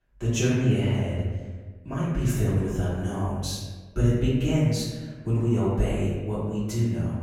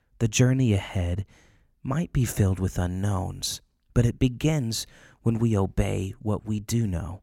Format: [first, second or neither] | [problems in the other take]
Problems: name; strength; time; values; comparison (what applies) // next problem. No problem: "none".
second | off-mic speech; far // room echo; noticeable; dies away in 1.2 s